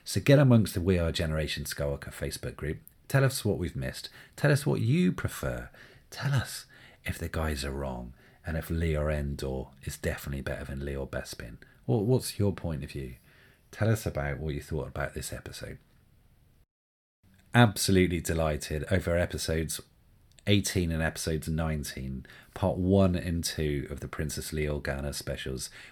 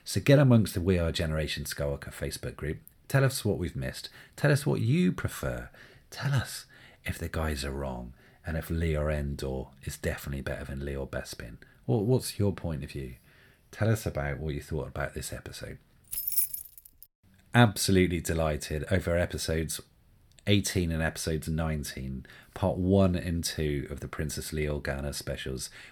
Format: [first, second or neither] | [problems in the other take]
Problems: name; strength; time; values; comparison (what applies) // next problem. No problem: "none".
first | jangling keys; loud; at 16 s; peak 4 dB above the speech